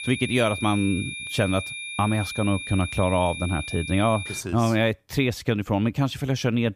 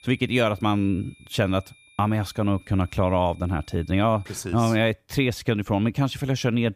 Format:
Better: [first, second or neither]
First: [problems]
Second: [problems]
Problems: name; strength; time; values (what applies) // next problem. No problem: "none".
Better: second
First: high-pitched whine; loud; until 4.5 s; 2.5 kHz, 8 dB below the speech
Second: high-pitched whine; faint; until 4.5 s; 2.5 kHz, 30 dB below the speech